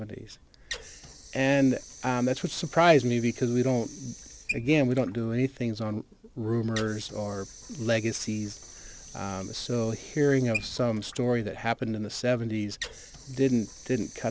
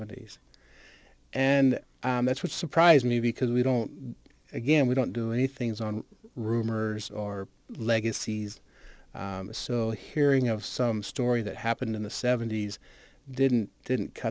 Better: second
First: background sound (Sink (filling or washing) / Water); 16 dB below the speech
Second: none

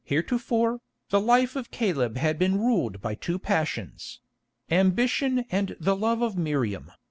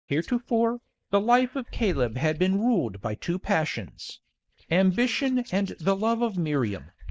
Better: first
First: none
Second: noise reduction (neural mask model DeepFilterNet 3)

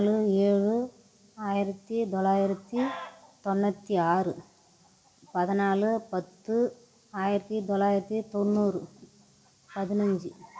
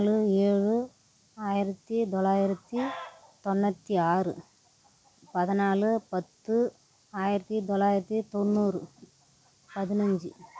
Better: second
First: room echo; dies away in 0.5 s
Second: none

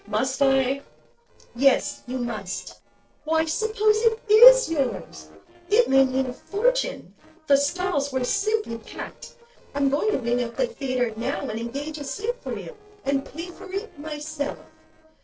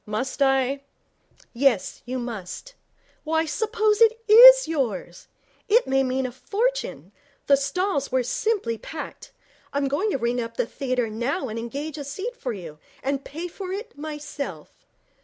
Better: second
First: noise reduction (neural separator model SepFormer DNS4)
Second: none

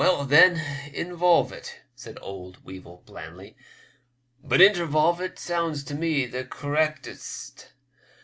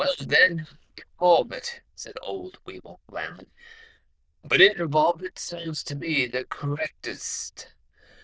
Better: first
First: none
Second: noise reduction (neural diffusion model UNIVERSE++)

